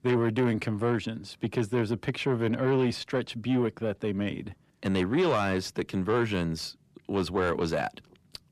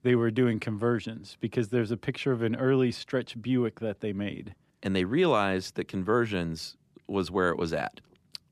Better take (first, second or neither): second